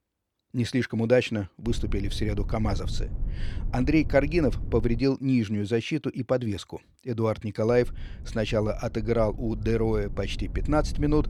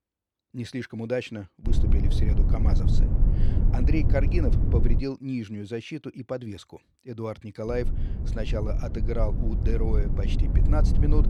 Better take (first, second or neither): first